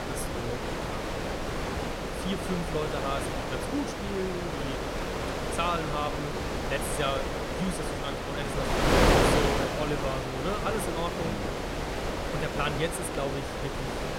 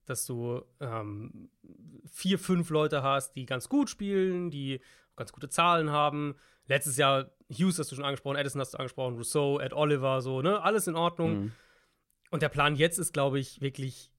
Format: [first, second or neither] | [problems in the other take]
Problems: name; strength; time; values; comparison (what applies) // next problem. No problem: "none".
second | wind noise on the microphone; heavy; 4 dB above the speech